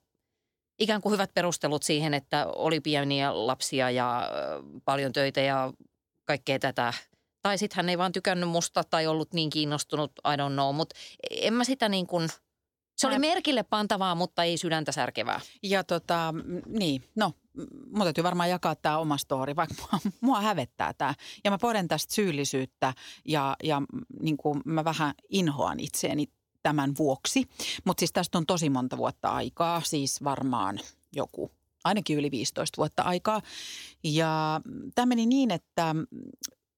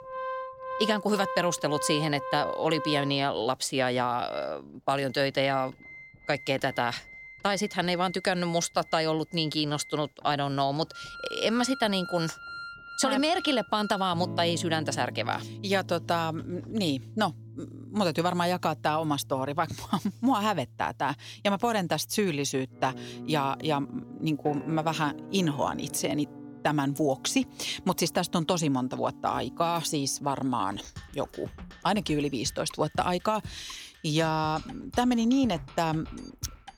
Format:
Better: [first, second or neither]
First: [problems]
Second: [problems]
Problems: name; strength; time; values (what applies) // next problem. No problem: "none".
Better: first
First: none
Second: background music; noticeable; throughout; 15 dB below the speech